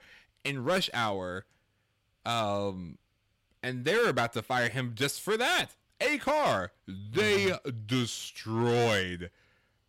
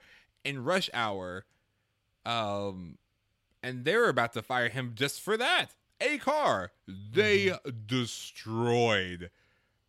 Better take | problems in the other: second | distortion; slight; 6% of the sound clipped

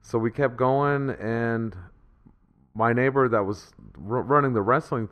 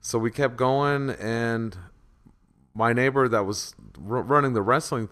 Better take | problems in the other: second | muffled; very; fading above 3.5 kHz

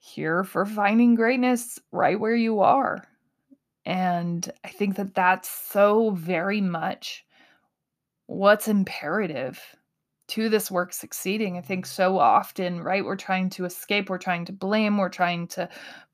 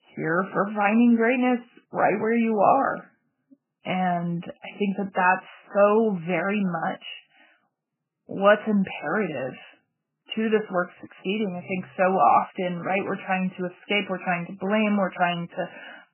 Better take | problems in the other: first | garbled, watery; badly; nothing above 3 kHz

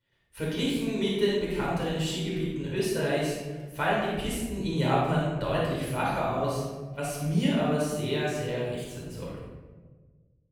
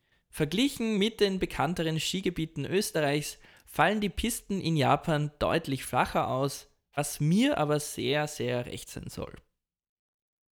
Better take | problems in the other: second | room echo; strong; dies away in 1.3 s // off-mic speech; far

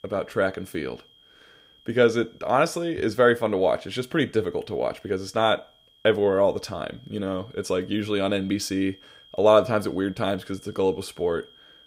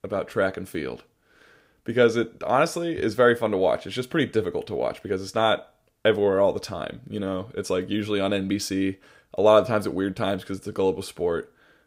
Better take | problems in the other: second | high-pitched whine; faint; throughout; 3 kHz, 30 dB below the speech

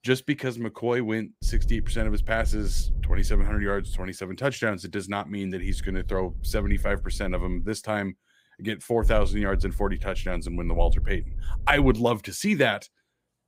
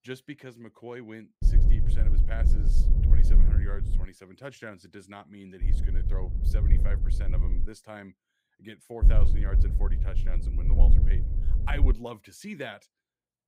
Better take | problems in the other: first | low rumble; loud; from 1.5 to 4 s, from 5.5 to 7.5 s and from 9 to 12 s; 3 dB below the speech; faint in the first

